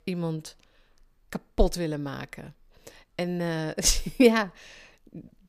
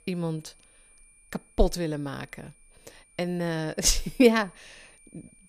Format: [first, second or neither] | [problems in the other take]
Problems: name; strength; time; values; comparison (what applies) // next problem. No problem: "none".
first | high-pitched whine; faint; throughout; 9.5 kHz, 30 dB below the speech